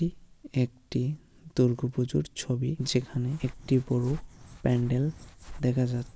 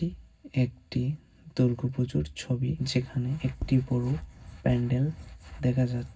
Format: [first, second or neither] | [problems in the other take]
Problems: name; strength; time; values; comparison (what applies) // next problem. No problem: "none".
first | background sound (Tap); 16 dB below the speech // room echo; dies away in 0.4 s